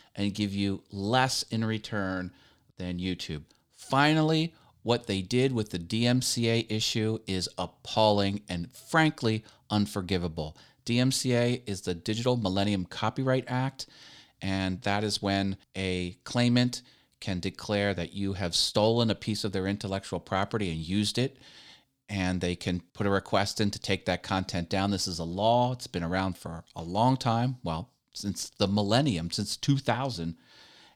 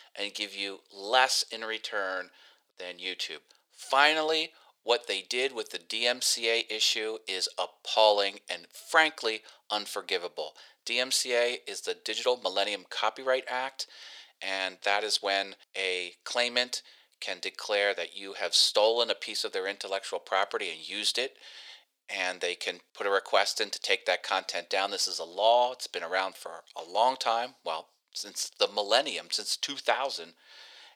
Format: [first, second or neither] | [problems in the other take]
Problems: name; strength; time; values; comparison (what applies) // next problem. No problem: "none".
first | thin; very; fading below 500 Hz